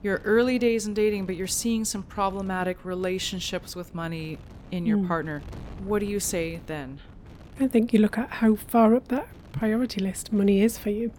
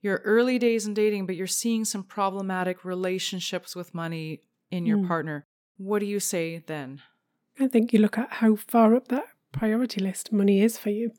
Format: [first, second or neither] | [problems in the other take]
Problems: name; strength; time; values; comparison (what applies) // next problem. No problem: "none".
second | wind noise on the microphone; occasional gusts; 25 dB below the speech